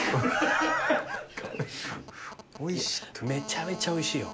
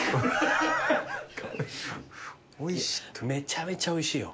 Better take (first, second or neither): second